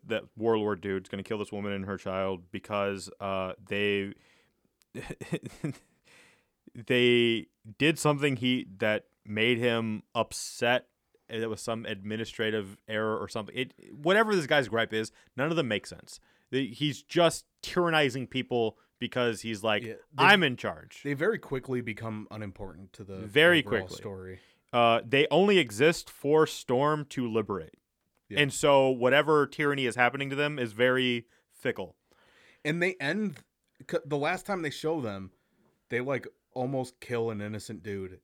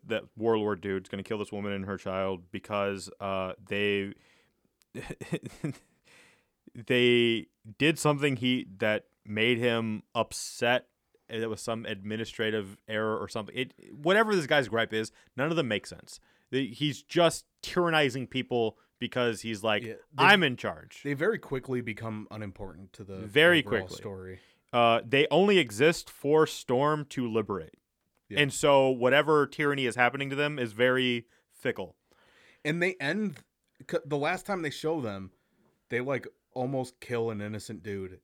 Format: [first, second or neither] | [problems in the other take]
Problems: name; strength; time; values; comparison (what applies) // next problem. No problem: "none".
neither | none